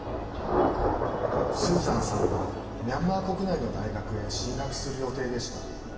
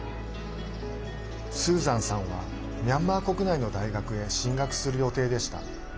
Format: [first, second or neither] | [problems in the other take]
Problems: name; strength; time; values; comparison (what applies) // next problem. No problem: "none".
second | background sound (Thunder / Rain); as loud as the speech // room echo; dies away in 1.2 s